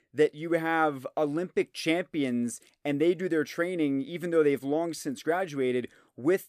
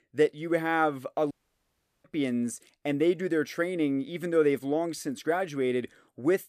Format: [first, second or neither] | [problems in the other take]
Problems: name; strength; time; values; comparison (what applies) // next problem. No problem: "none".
first | audio cutting out; at 1.5 s for 0.5 s